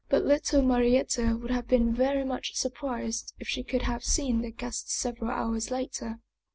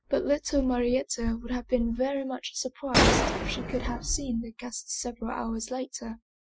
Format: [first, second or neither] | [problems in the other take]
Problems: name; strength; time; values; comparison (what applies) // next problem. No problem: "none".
first | noise reduction (classical method Wiener filter)